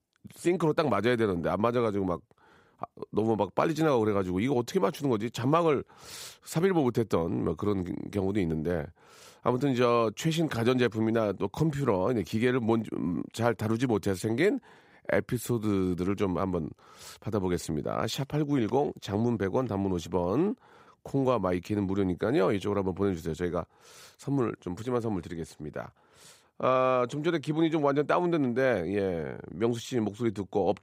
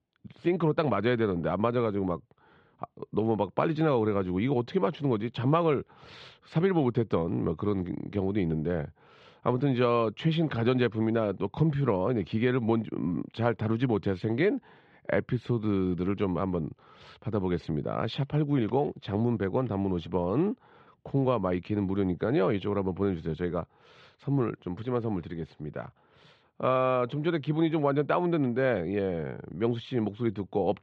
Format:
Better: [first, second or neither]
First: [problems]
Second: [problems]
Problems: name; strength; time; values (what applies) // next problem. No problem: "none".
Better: first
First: none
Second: muffled; slightly; fading above 3.5 kHz